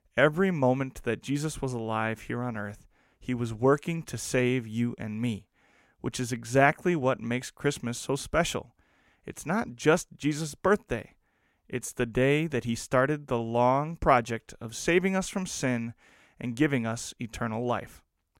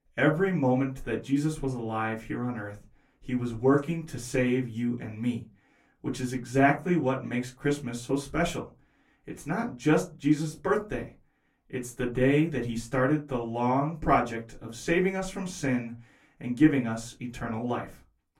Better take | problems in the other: first | off-mic speech; far // room echo; very slight; dies away in 0.2 s

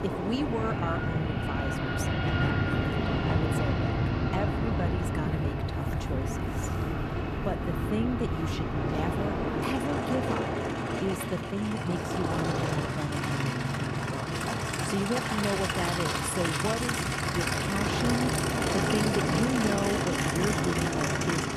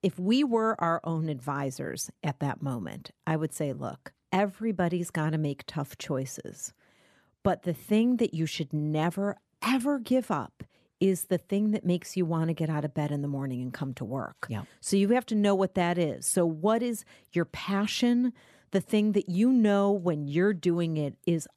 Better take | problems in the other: second | train or aircraft noise; very loud; throughout; 5 dB above the speech

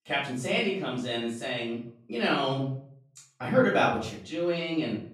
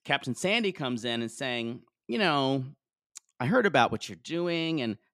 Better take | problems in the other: second | off-mic speech; far // room echo; noticeable; dies away in 0.5 s

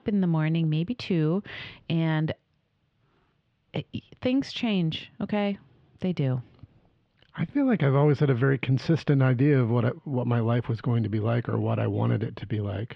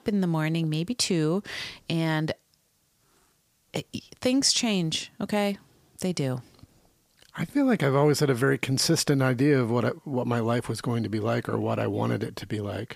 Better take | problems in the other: second | muffled; very; fading above 3 kHz

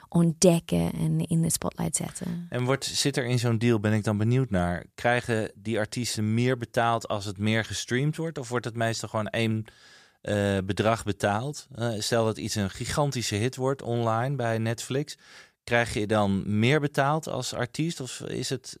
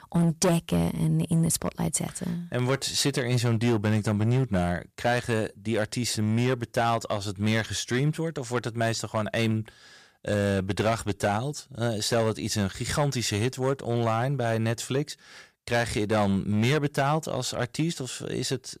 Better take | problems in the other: first | distortion; slight; 6% of the sound clipped

